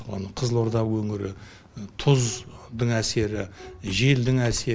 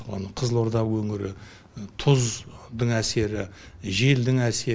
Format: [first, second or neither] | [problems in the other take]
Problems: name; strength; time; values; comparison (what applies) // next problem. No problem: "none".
second | background sound (Squeak + Bowed string instrument); 20 dB below the speech